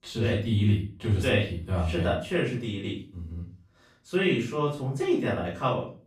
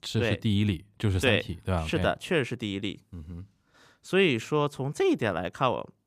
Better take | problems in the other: second | off-mic speech; far // room echo; noticeable; dies away in 0.3 s

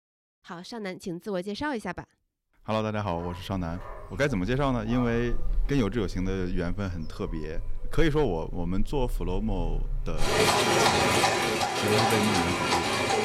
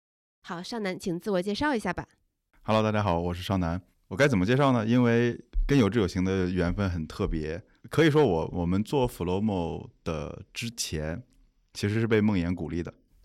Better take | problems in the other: second | animal sounds; very loud; from 3 s on; 4 dB above the speech

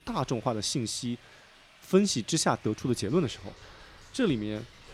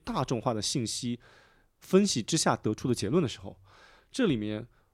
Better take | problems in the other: second | rain or running water; faint; throughout; 25 dB below the speech

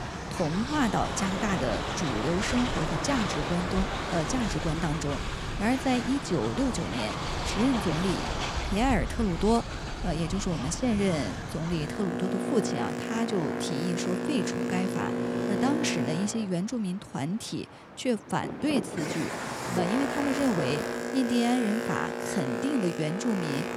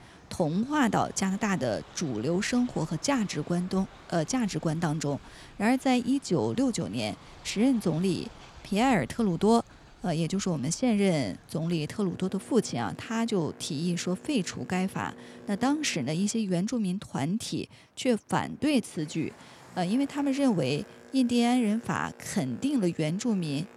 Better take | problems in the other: second | train or aircraft noise; loud; throughout; 2 dB below the speech; faint in the second

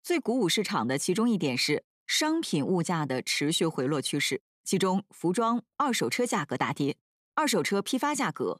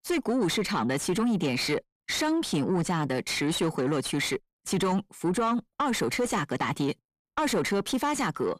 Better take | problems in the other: first | distortion; slight; 10 dB below the speech

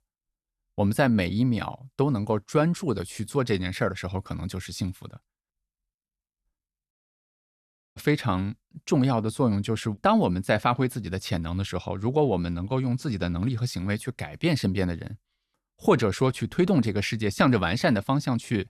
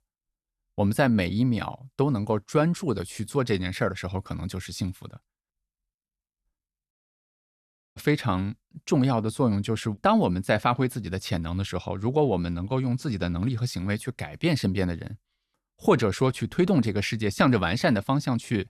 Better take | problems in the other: neither | audio cutting out; at 7 s for 1 s; the same in both

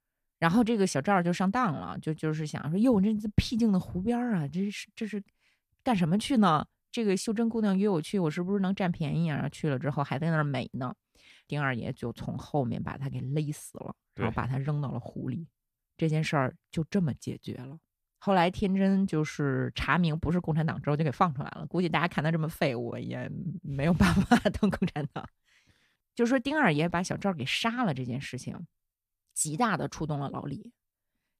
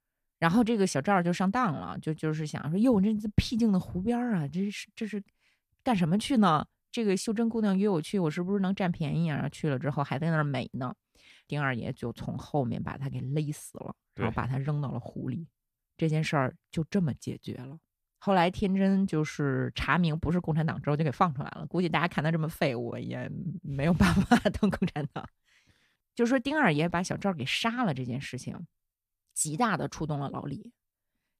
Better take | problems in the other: neither | none

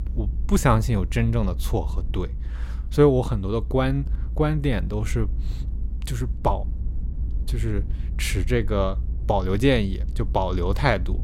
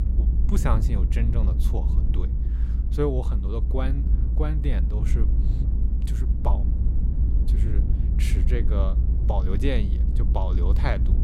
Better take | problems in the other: first | low rumble; loud; throughout; 7 dB below the speech; faint in the first

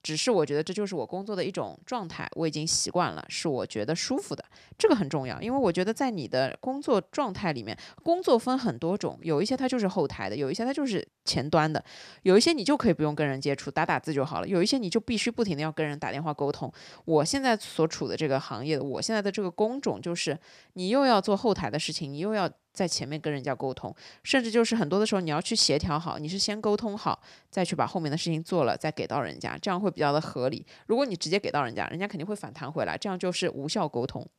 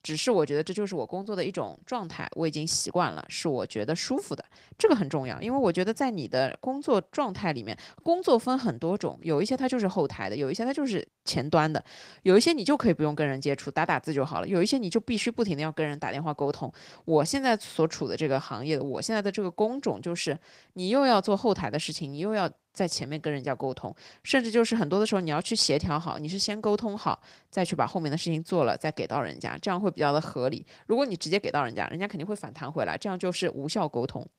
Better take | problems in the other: first | garbled, watery; slightly; nothing above 15.5 kHz

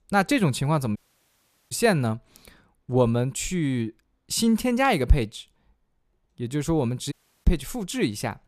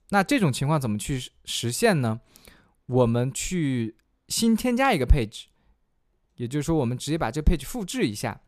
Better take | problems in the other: second | audio cutting out; at 1 s for 1 s and at 7 s

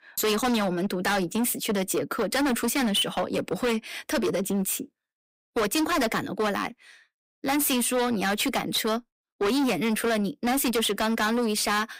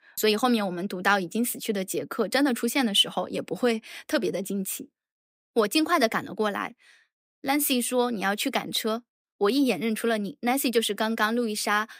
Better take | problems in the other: second | distortion; heavy; 20% of the sound clipped

